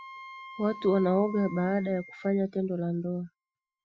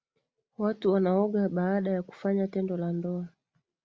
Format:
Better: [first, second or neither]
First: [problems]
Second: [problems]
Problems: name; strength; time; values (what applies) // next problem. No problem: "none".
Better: second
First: noise reduction (classical method Wiener filter)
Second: none